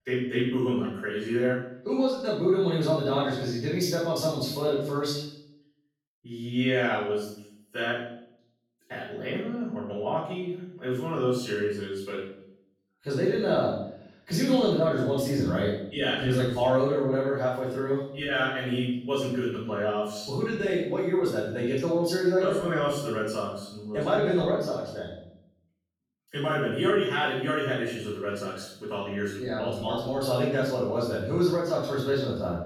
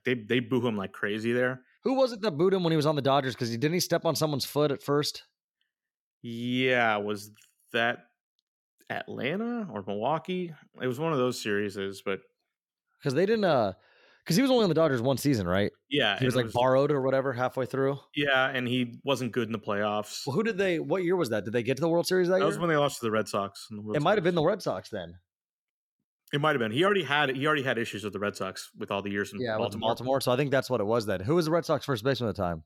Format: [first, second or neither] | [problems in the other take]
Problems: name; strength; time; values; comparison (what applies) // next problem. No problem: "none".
second | room echo; noticeable; dies away in 0.6 s // off-mic speech; far